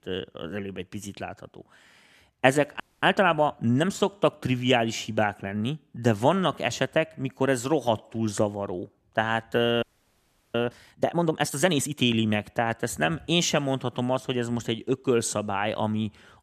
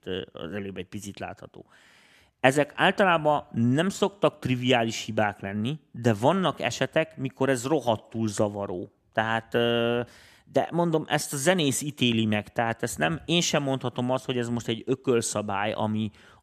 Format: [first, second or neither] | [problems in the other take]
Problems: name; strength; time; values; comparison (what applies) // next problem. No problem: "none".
second | audio freezing; at 3 s and at 10 s for 0.5 s